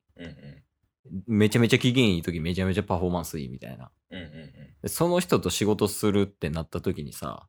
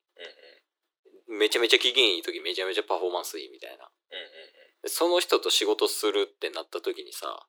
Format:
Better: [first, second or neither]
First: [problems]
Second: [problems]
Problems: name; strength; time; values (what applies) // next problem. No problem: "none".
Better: first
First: none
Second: thin; very; fading below 350 Hz